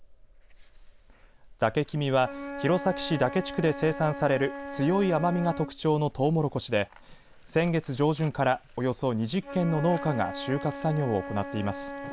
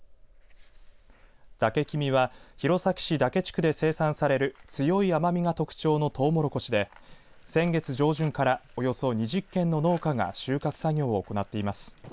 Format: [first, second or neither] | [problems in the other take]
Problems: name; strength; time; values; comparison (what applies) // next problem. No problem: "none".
second | background sound (Wind instrument, woodwind instrument); 12 dB below the speech